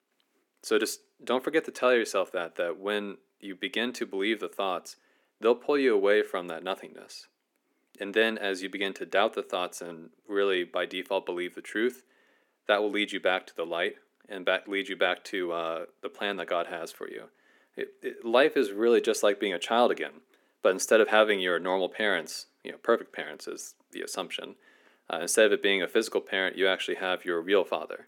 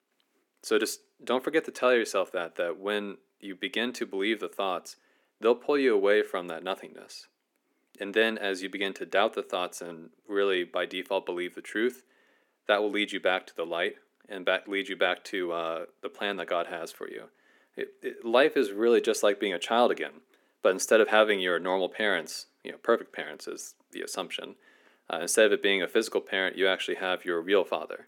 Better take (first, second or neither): neither